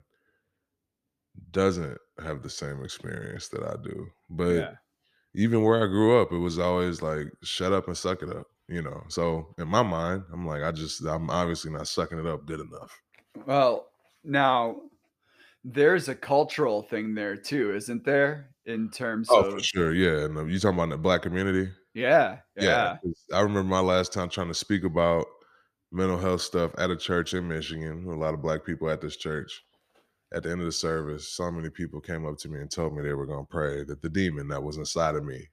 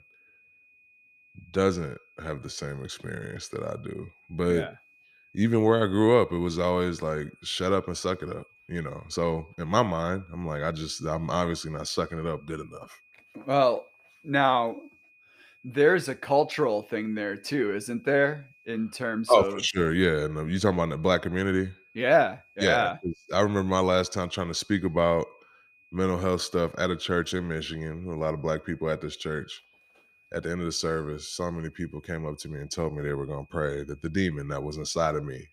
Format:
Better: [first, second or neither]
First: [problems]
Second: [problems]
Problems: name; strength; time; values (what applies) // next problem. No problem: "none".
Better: first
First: none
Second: high-pitched whine; faint; throughout; 2.5 kHz, 30 dB below the speech